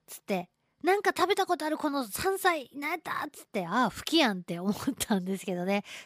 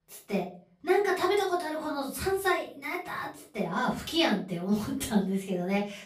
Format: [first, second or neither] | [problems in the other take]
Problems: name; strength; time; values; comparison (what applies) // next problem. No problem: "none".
first | room echo; slight; dies away in 0.3 s // off-mic speech; far